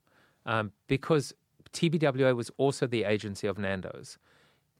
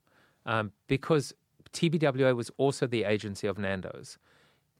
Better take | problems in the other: neither | none

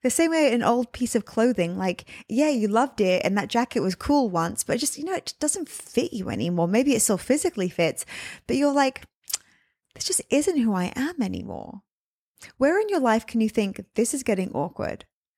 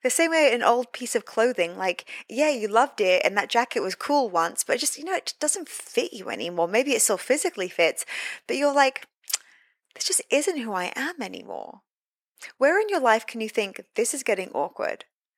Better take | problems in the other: first | thin; somewhat; fading below 500 Hz

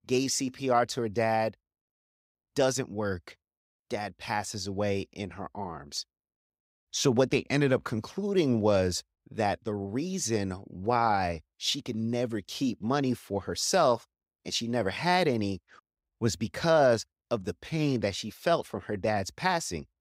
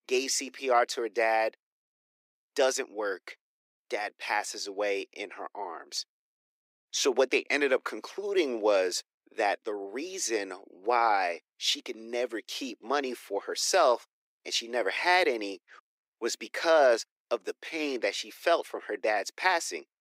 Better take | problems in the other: first | thin; somewhat; fading below 300 Hz

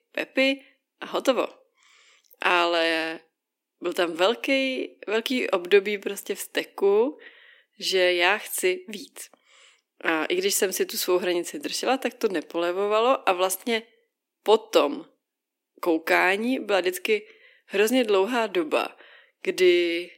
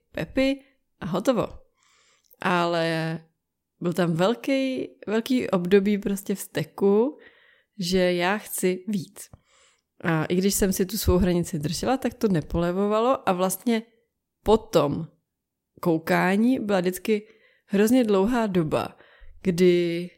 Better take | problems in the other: second | thin; somewhat; fading below 250 Hz

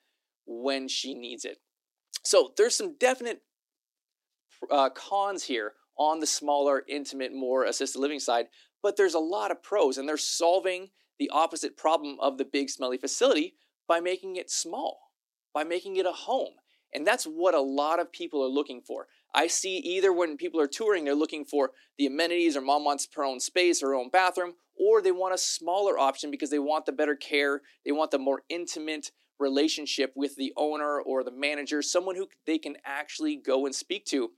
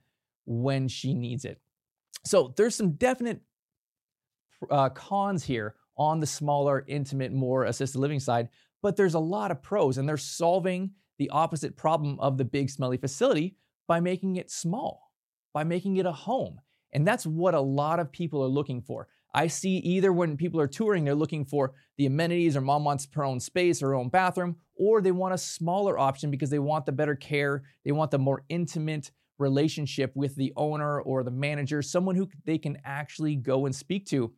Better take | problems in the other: second | thin; somewhat; fading below 300 Hz

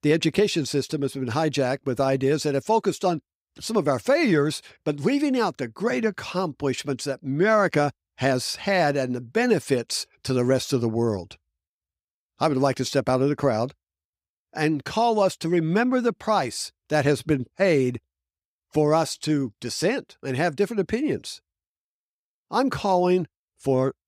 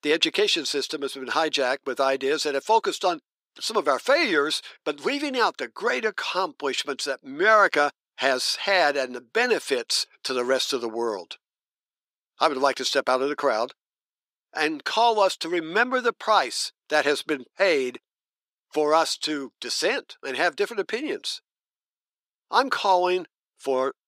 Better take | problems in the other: first | thin; somewhat; fading below 350 Hz

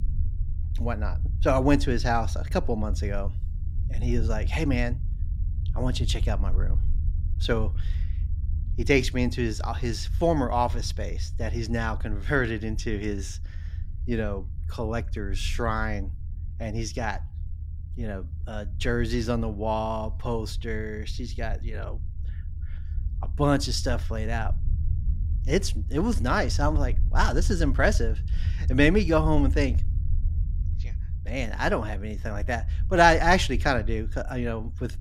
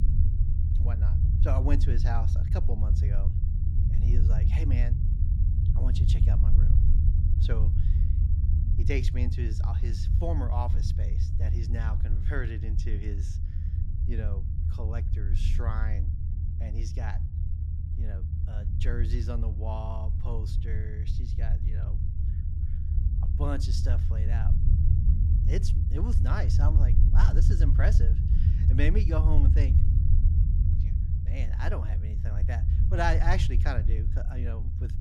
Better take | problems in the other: first | low rumble; loud; throughout; 5 dB below the speech; faint in the first

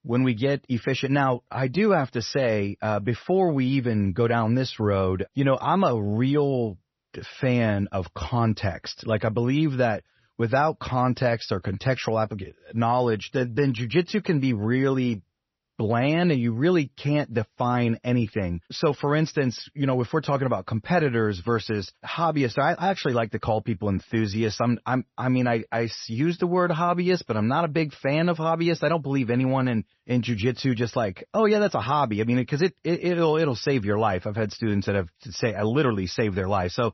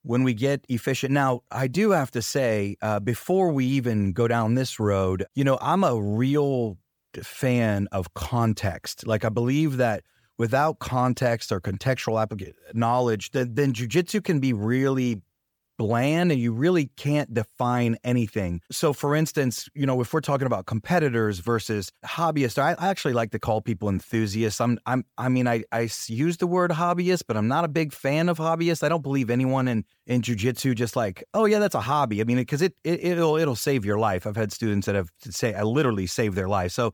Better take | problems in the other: second | garbled, watery; slightly; nothing above 6 kHz

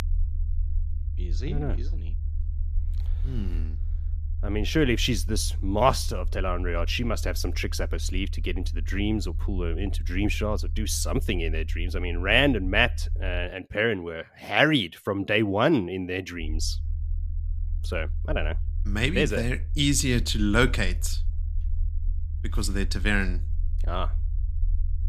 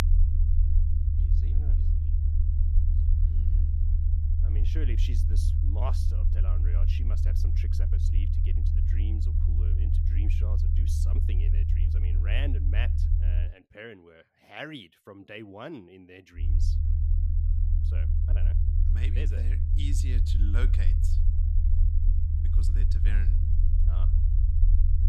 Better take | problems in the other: first | low rumble; loud; until 13 s and from 16 s on; 1 dB below the speech; faint in the first

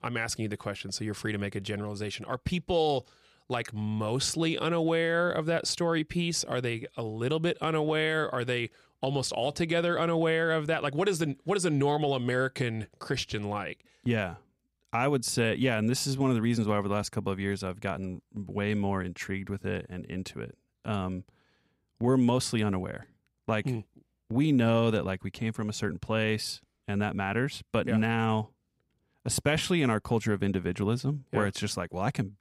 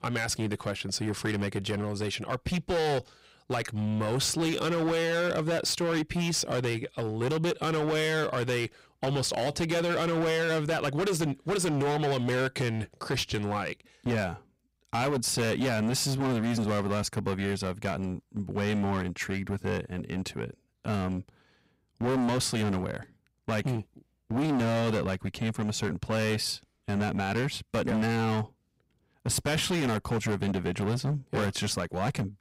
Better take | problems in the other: first | distortion; heavy; 19% of the sound clipped

